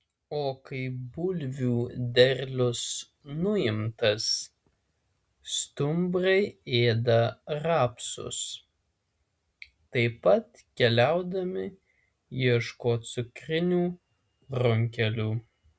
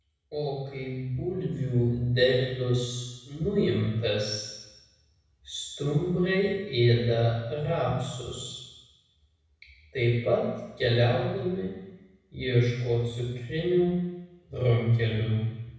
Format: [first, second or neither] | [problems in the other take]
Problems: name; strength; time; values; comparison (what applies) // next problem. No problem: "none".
first | room echo; dies away in 1.1 s